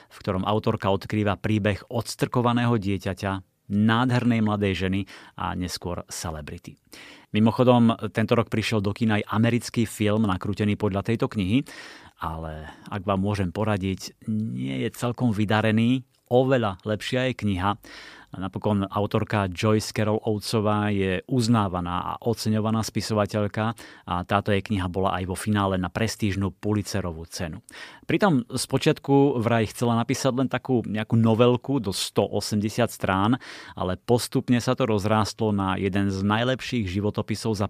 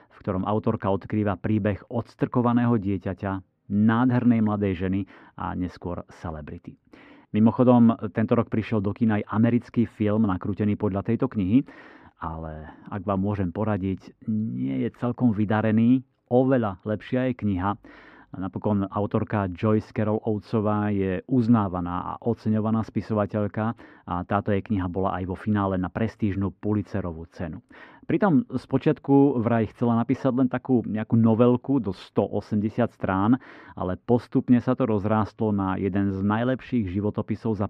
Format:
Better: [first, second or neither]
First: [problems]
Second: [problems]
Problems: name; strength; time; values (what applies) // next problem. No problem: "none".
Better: first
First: none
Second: muffled; very; fading above 4 kHz